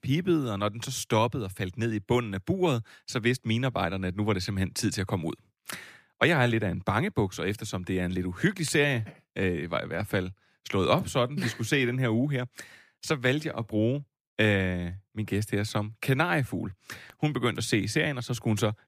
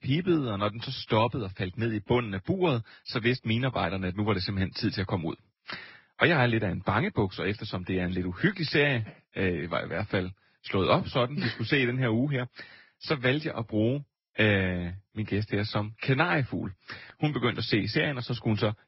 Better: first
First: none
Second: garbled, watery; badly; nothing above 5.5 kHz

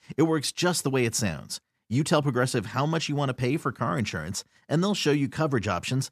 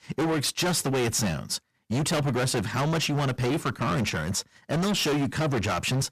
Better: first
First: none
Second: distortion; heavy; 29% of the sound clipped

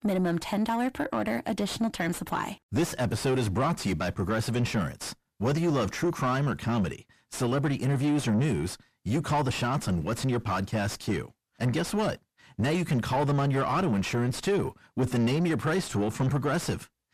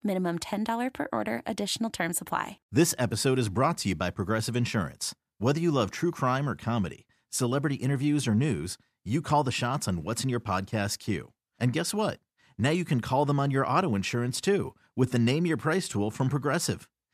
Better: second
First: distortion; heavy; 7 dB below the speech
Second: none

